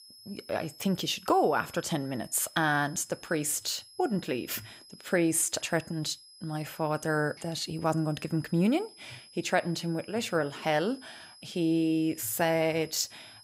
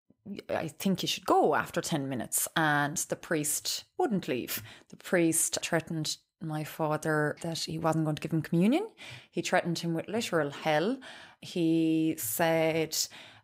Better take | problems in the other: second | high-pitched whine; faint; throughout; 5 kHz, 20 dB below the speech

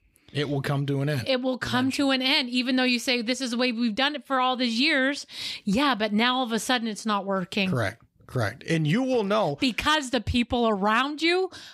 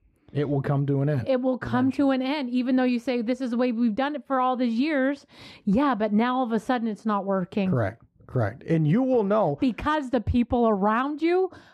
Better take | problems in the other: first | muffled; very; fading above 2 kHz

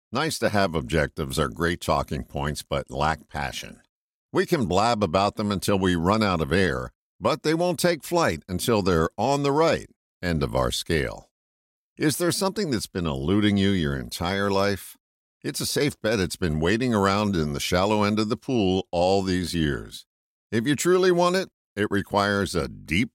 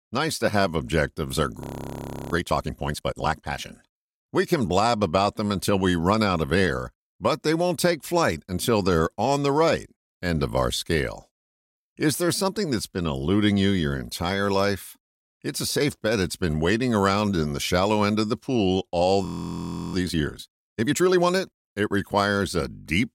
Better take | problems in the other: first | audio freezing; at 1.5 s for 0.5 s and at 19 s for 0.5 s

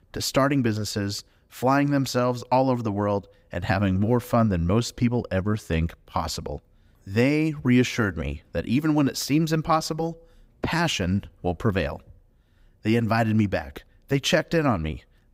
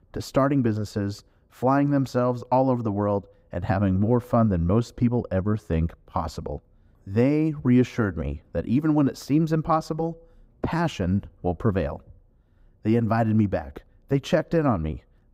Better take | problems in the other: first | muffled; slightly; fading above 1.5 kHz

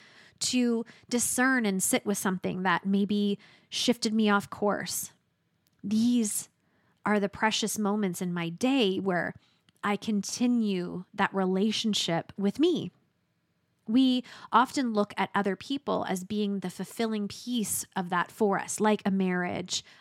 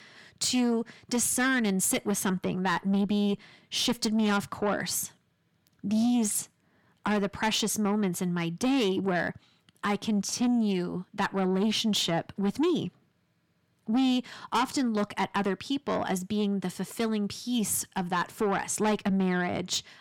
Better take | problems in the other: first | distortion; slight; 10 dB below the speech

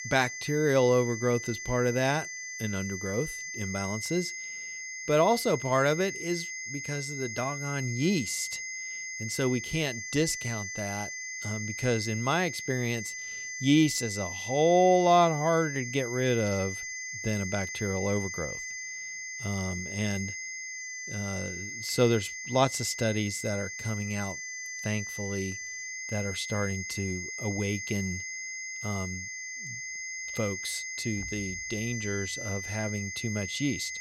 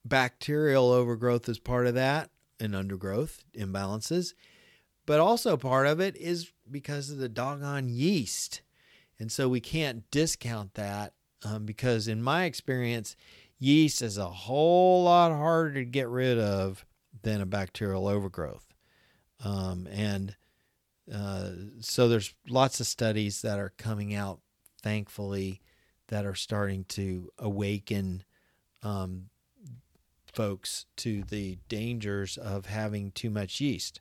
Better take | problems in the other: second | high-pitched whine; loud; throughout; 2 kHz, 6 dB below the speech

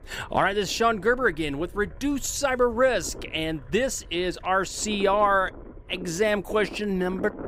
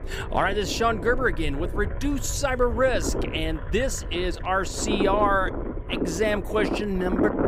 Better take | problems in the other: first | low rumble; loud; throughout; 9 dB below the speech; faint in the first

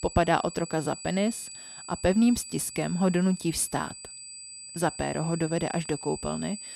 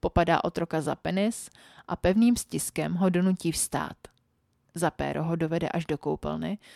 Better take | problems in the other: second | high-pitched whine; noticeable; throughout; 8 kHz, 10 dB below the speech

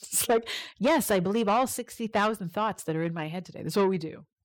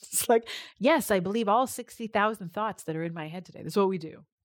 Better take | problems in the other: second | distortion; slight; 10 dB below the speech

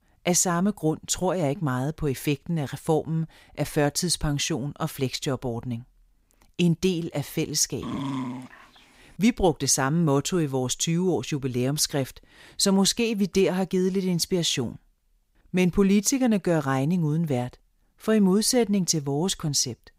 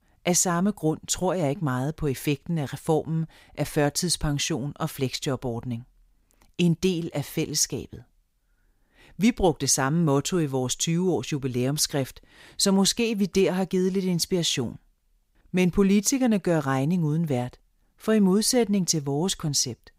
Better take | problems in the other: second | dog barking; noticeable; at 8 s; peak 6 dB below the speech

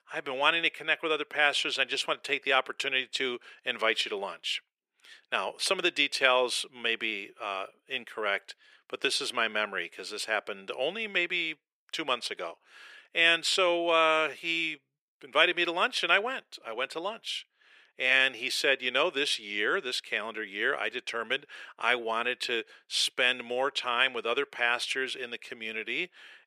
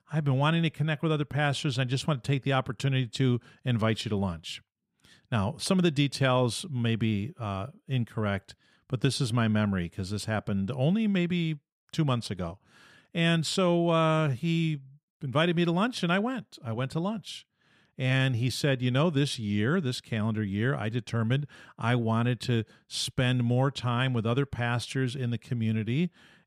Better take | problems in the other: second | thin; very; fading below 400 Hz

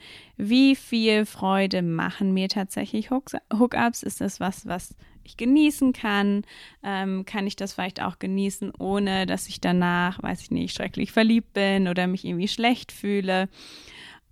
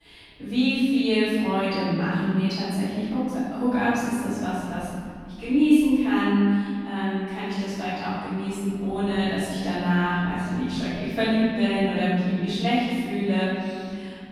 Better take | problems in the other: first | off-mic speech; far // room echo; strong; dies away in 2.3 s

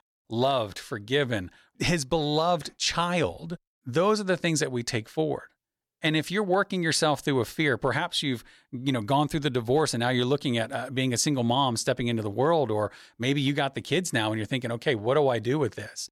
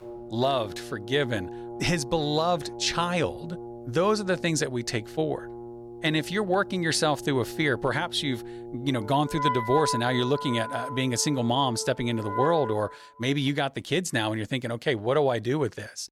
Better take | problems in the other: first | background music; loud; until 13 s; 10 dB below the speech

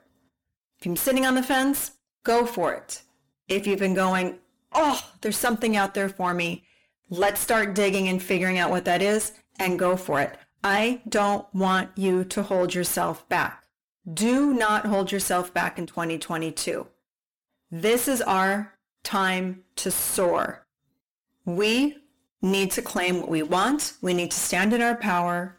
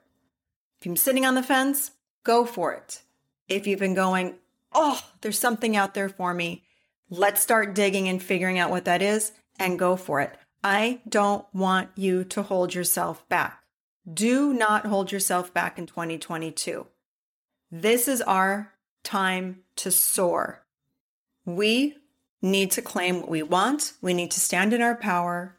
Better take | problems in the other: second | distortion; slight; 10 dB below the speech

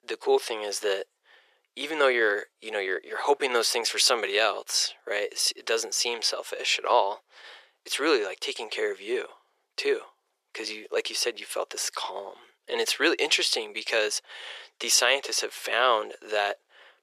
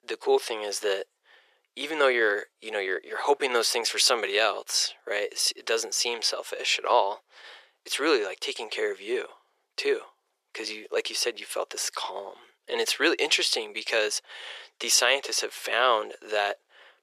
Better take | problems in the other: neither | thin; very; fading below 400 Hz; the same in both

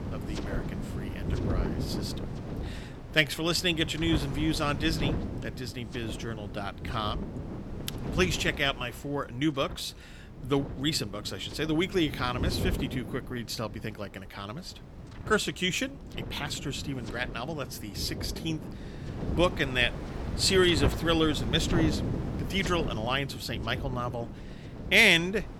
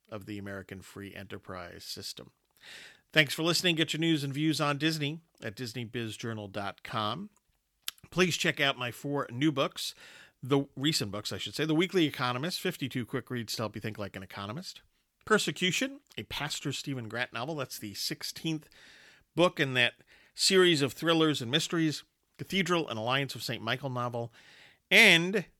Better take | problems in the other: second | wind noise on the microphone; occasional gusts; 15 dB below the speech

